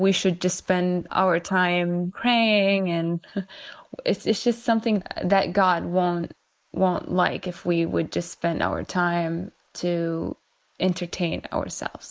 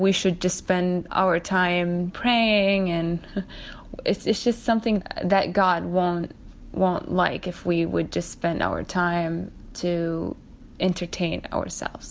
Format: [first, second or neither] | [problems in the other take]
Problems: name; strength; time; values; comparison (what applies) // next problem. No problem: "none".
second | noise reduction (neural mask model Resemble Enhance denoiser)